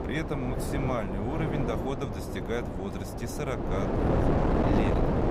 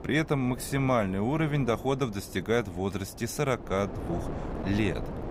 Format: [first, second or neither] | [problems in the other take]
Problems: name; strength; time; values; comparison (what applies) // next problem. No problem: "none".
second | wind noise on the microphone; heavy; 3 dB above the speech; occasional gusts in the second